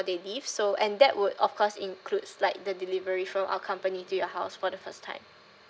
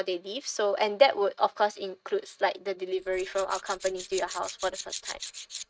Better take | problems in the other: first | noise reduction (neural mask model RNNoise)

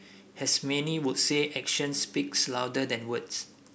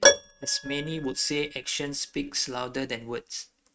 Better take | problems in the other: first | noise reduction (neural mask model RNNoise)

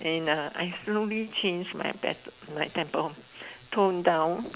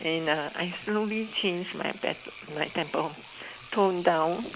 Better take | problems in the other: first | background sound (Engine / Domestic sounds, home sounds); 18 dB below the speech

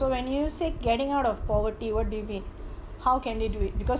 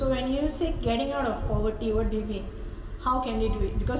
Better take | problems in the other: first | room echo; dies away in 1.6 s

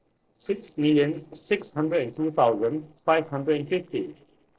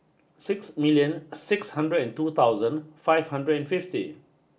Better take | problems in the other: second | noise reduction (neural separator model SepFormer DNS4)

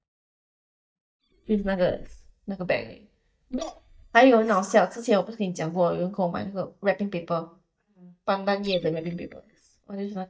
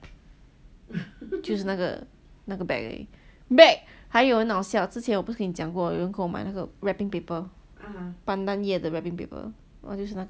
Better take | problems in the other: second | noise reduction (neural mask model DeepFilterNet 3)

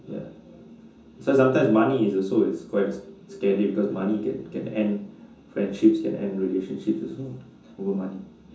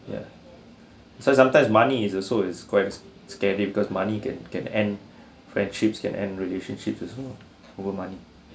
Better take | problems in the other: second | room echo; dies away in 0.6 s

